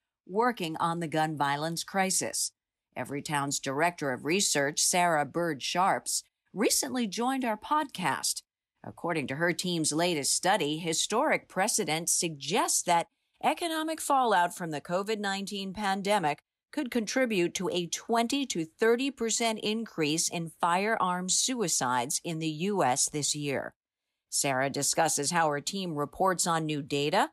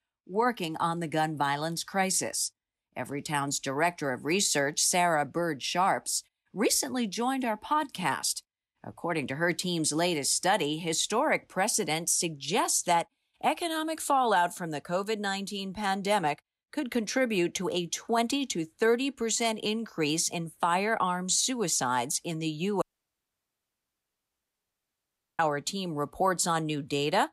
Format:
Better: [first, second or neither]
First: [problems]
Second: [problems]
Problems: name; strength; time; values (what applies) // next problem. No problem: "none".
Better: first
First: none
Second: audio cutting out; at 23 s for 2.5 s